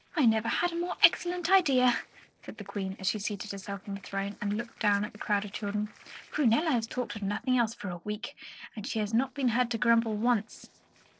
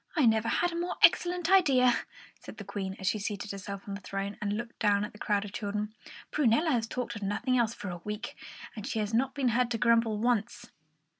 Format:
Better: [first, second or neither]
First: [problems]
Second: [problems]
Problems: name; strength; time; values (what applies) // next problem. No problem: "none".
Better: second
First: noise reduction (neural separator model SepFormer DNS4)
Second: none